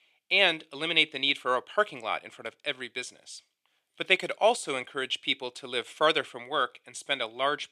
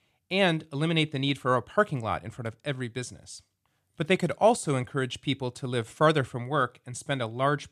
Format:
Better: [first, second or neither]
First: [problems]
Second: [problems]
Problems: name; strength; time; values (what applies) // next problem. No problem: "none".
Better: second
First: thin; somewhat; fading below 450 Hz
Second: none